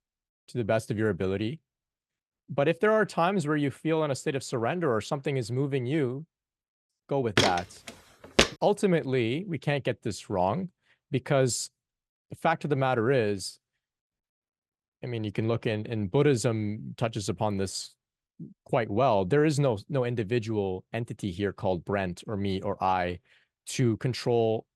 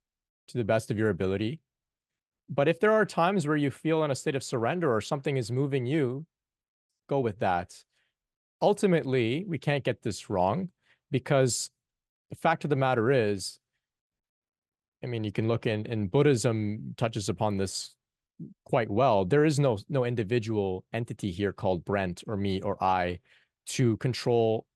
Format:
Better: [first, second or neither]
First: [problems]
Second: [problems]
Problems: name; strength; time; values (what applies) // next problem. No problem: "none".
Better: second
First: footsteps; loud; from 7.5 to 8.5 s; peak 4 dB above the speech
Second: none